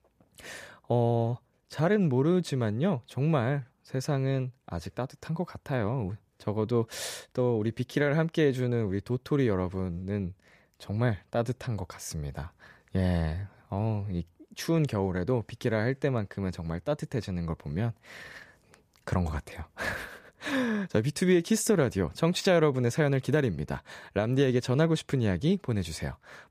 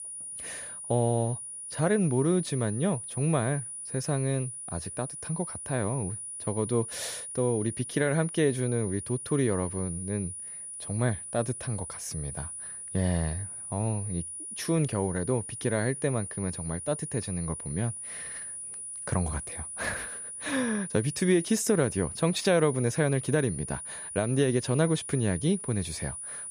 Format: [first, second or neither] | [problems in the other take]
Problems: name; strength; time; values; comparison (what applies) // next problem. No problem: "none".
first | high-pitched whine; loud; throughout; 9.5 kHz, 7 dB below the speech